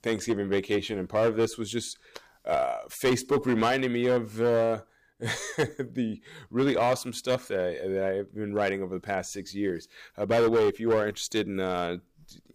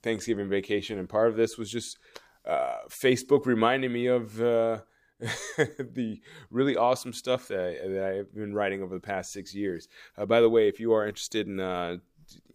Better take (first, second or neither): second